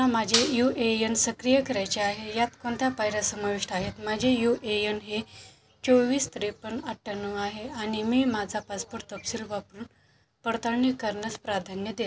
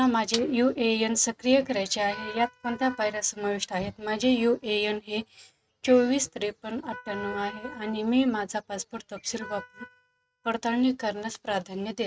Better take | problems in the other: first | noise reduction (neural mask model RNNoise)

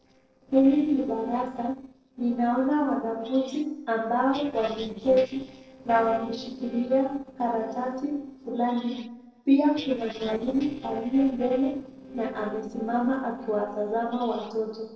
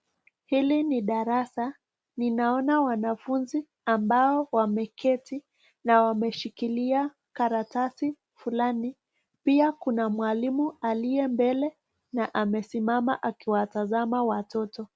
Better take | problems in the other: second | noise reduction (neural separator model SepFormer DNS4)

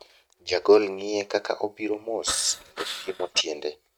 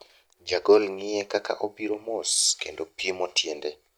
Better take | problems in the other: second | noise reduction (neural mask model RNNoise)

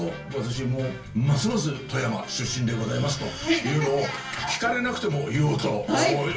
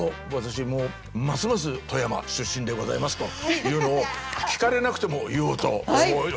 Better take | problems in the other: second | room echo; dies away in 0.3 s

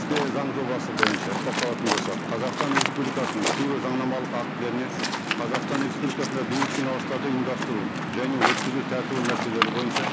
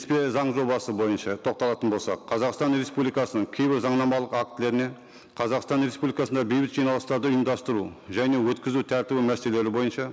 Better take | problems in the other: second | background sound (Waves, surf); 2 dB above the speech

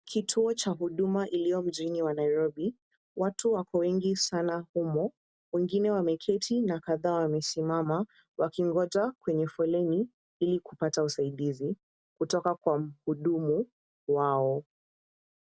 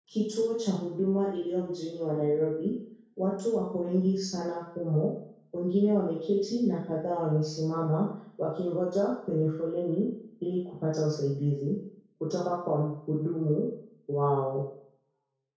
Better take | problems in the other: first | room echo; dies away in 0.6 s

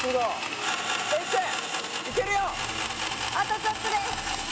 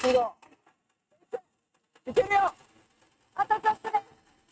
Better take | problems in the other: first | noise reduction (neural mask model RNNoise)

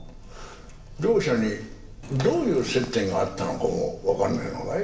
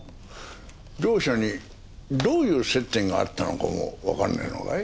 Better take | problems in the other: second | background sound (Purr); 13 dB below the speech // room echo; dies away in 0.6 s

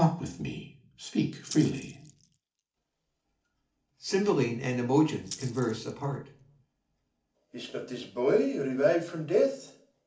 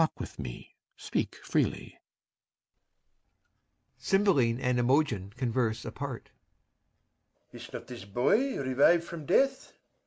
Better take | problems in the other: second | background sound (Rattle (instrument)); 17 dB below the speech // room echo; dies away in 0.4 s

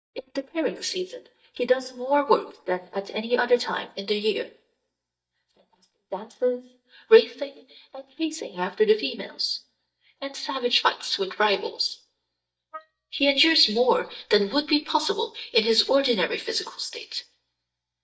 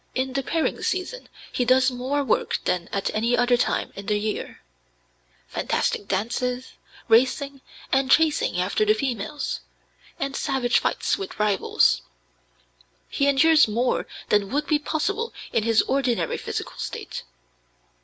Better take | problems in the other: second | noise reduction (neural mask model DeepFilterNet 3)

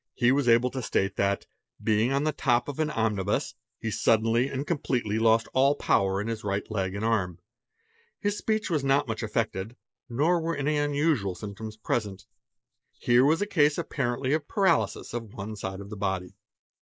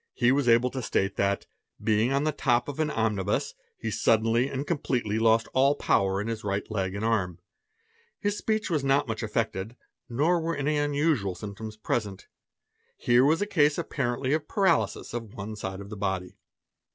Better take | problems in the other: second | noise reduction (neural mask model Resemble Enhance denoiser)

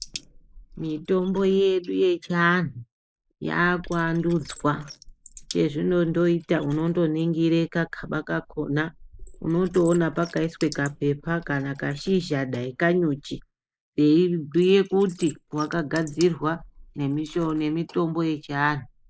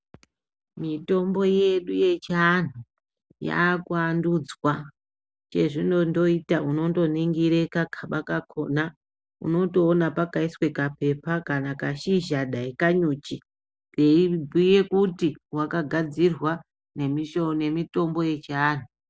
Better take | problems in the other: second | noise reduction (neural mask model Resemble Enhance denoiser)

